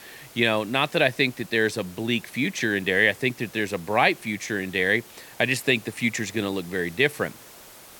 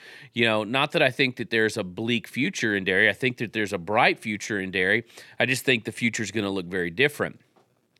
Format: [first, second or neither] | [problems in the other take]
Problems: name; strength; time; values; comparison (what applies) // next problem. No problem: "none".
second | hiss; faint; throughout; 20 dB below the speech